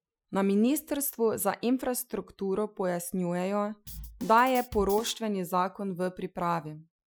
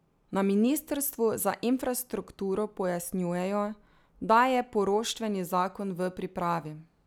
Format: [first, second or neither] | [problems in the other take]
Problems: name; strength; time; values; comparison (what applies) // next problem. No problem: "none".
second | noise reduction (classical method Wiener filter)